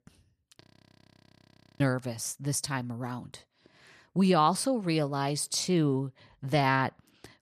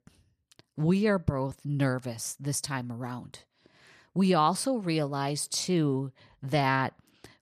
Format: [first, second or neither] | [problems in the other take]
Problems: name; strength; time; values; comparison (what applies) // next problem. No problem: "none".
second | audio freezing; at 0.5 s for 1 s